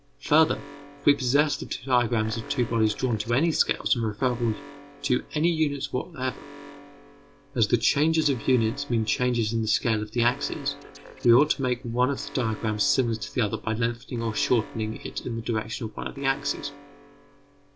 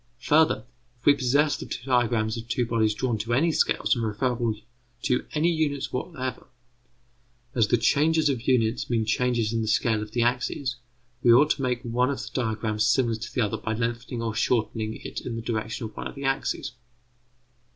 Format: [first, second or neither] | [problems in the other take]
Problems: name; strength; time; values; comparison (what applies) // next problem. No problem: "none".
second | background sound (Alarm); 19 dB below the speech